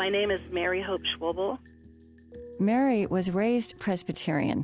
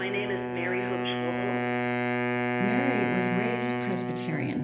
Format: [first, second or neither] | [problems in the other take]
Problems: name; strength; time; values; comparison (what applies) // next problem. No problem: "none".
first | background sound (Wind instrument, woodwind instrument); 3 dB above the speech // room echo; dies away in 1 s